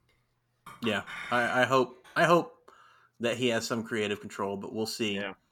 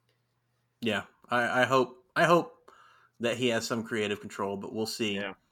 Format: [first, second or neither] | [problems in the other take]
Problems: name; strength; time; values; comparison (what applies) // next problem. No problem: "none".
second | clattering dishes; noticeable; from 0.5 to 2 s; peak 9 dB below the speech